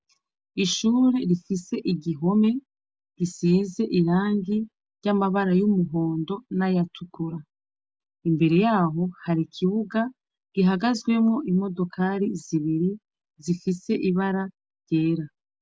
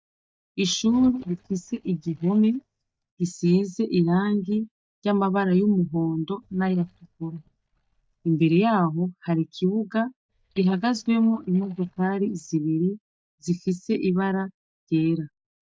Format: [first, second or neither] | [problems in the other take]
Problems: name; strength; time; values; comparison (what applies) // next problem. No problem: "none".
first | noise reduction (neural mask model DeepFilterNet 3)